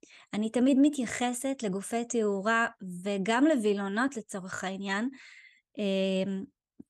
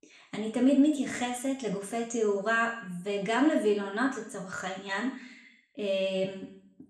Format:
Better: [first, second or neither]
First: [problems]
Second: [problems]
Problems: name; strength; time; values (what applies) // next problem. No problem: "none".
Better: first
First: none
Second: room echo; slight; dies away in 0.6 s